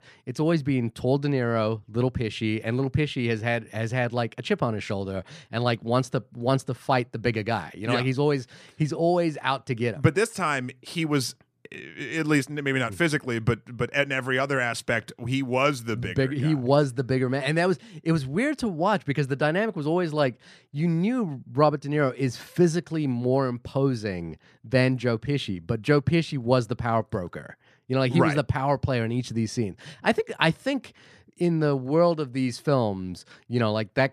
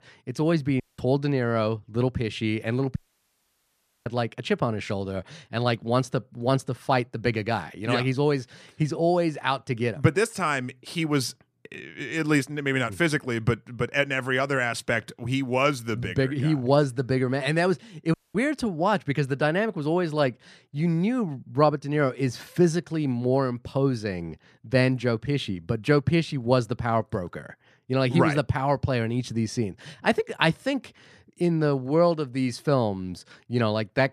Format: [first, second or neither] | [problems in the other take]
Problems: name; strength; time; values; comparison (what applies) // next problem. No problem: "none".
first | audio cutting out; at 1 s, at 3 s for 1 s and at 18 s